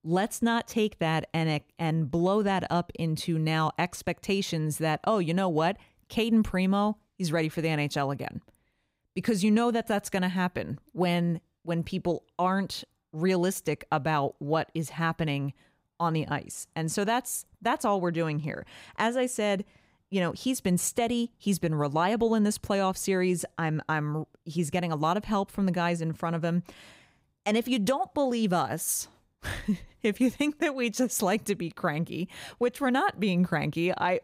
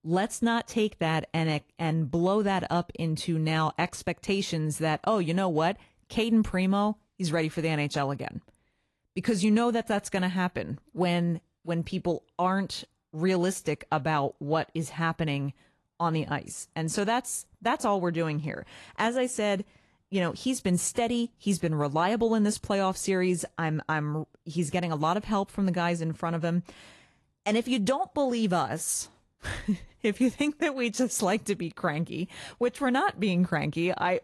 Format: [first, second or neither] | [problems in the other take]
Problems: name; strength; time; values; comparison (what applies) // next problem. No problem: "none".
first | garbled, watery; slightly; nothing above 11.5 kHz